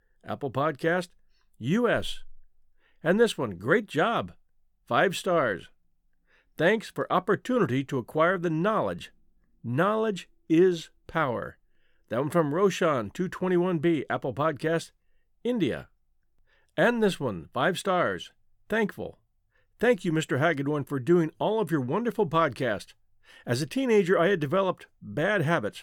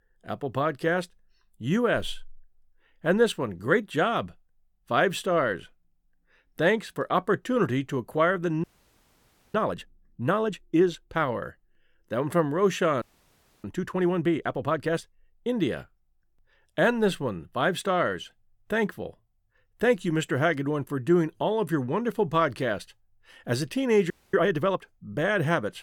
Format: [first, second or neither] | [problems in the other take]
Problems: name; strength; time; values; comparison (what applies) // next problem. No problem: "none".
first | audio freezing; at 8.5 s for 1 s, at 13 s for 0.5 s and at 24 s